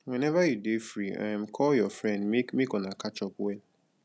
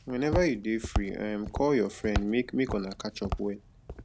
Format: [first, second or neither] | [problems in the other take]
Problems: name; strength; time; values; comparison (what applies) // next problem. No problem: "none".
first | background sound (Walk, footsteps); 6 dB below the speech